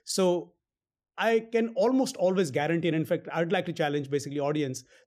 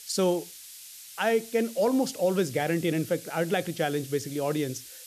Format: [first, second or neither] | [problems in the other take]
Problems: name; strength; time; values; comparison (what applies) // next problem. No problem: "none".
first | hiss; noticeable; throughout; 15 dB below the speech